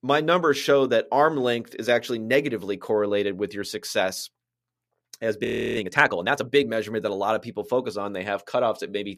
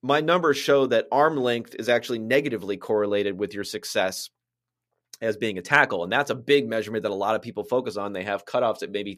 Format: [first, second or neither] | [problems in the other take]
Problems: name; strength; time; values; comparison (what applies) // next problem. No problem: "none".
second | audio freezing; at 5.5 s